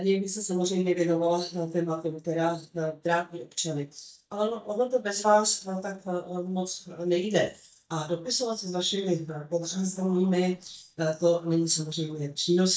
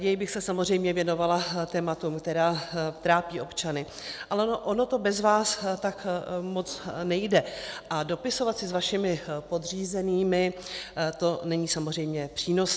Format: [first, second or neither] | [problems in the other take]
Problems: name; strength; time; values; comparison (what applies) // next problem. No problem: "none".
second | noise reduction (neural mask model DeepFilterNet 3)